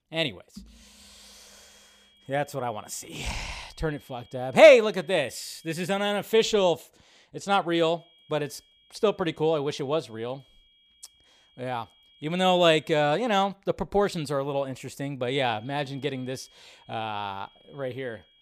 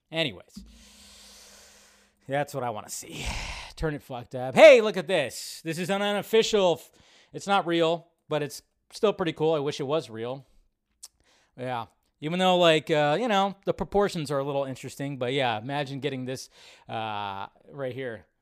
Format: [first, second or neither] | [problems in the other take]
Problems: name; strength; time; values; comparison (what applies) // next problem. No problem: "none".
second | high-pitched whine; faint; from 1 to 6 s, from 8 to 13 s and from 15 s on; 3.5 kHz, 30 dB below the speech